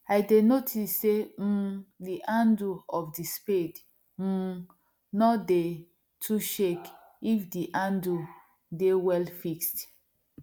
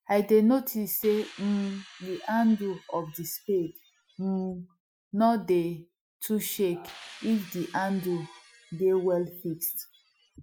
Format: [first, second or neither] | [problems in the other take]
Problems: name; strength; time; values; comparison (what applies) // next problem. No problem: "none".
first | noise reduction (classical method Wiener filter)